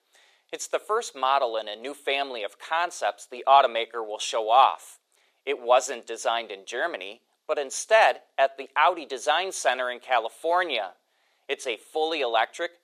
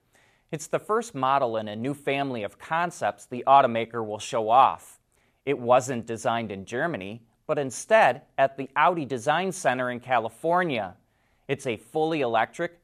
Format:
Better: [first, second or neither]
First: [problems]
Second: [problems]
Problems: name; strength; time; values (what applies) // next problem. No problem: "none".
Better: second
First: thin; very; fading below 400 Hz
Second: none